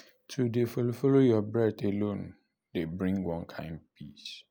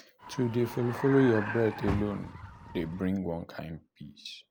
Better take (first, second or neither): first